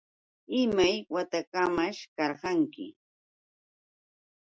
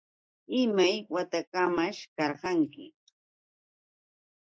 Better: first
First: none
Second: noise reduction (neural mask model Resemble Enhance denoiser)

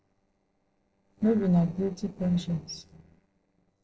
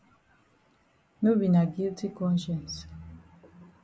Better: second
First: noise reduction (neural separator model SepFormer DNS4)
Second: none

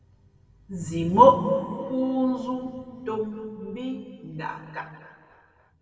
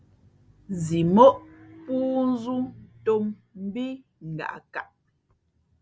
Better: second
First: room echo; dies away in 2.1 s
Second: none

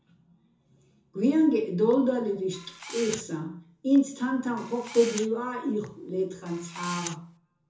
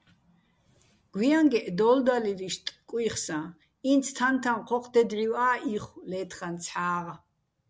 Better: second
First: background sound (Camera); 16 dB below the speech // room echo; dies away in 0.6 s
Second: none

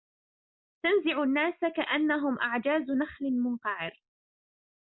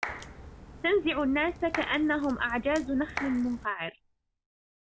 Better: first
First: none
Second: background sound (Clapping + Crack); 12 dB below the speech

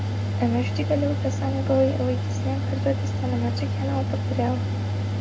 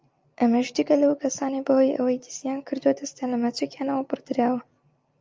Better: second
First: background sound (Mechanical fan); 2 dB above the speech // room echo; dies away in 0.3 s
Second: none

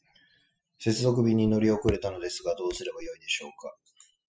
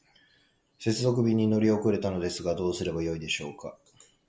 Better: second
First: noise reduction (classical method spectral subtraction)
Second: none

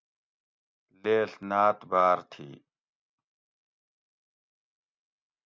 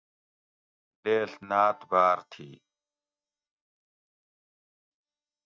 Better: first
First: none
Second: noise reduction (neural mask model DeepFilterNet 3)

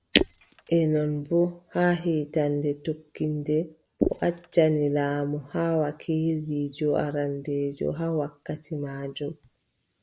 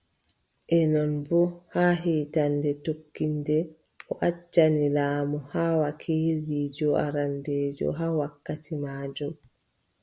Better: second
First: noise reduction (neural mask model Resemble Enhance denoiser)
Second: none

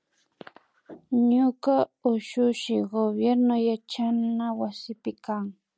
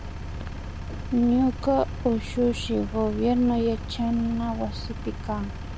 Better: first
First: none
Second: background sound (Engine); 8 dB below the speech

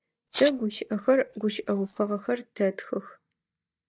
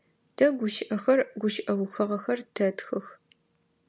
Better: second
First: noise reduction (neural mask model DeepFilterNet 3)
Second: none

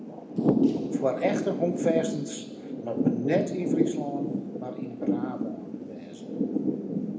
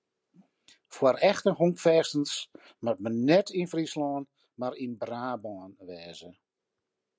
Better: second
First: background sound (Thunder / Rain); 4 dB above the speech // room echo; dies away in 0.8 s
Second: none

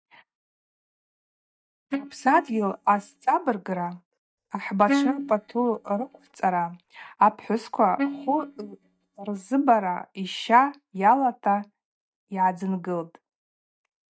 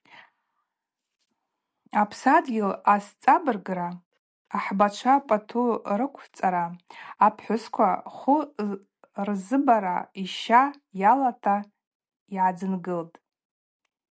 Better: second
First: noise reduction (neural mask model DeepFilterNet 3)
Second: none

